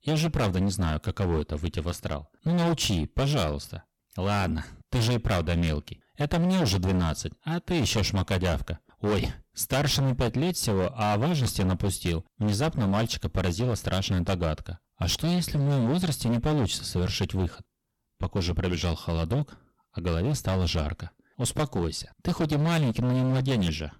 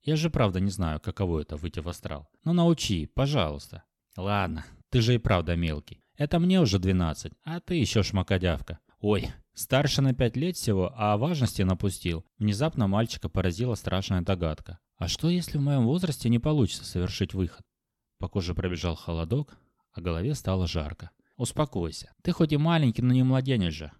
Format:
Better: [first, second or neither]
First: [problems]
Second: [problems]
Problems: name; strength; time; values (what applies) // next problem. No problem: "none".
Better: second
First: distortion; heavy; 20% of the sound clipped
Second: none